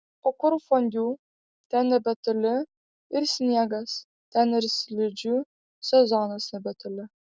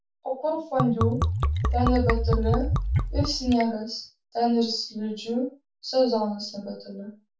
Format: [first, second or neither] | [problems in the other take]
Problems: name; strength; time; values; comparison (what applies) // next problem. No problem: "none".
first | background sound (Liquid); 2 dB above the speech // room echo; dies away in 0.3 s